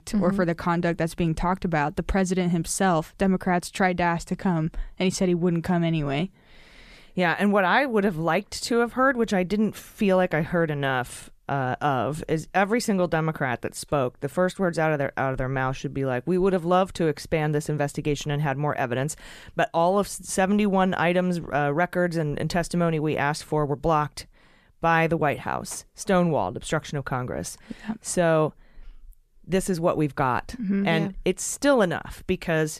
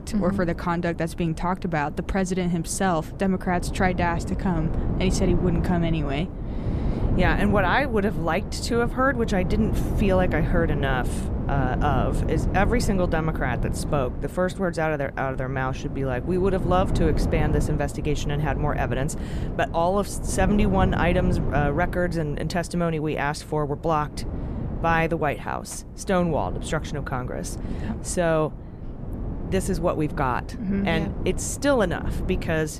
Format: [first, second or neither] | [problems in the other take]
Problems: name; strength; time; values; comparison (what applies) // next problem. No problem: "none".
first | wind noise on the microphone; occasional gusts; 10 dB below the speech